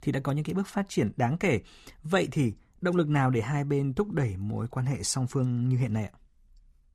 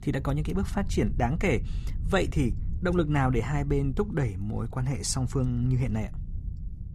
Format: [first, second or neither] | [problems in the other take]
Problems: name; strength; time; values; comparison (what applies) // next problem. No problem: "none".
first | wind noise on the microphone; occasional gusts; 20 dB below the speech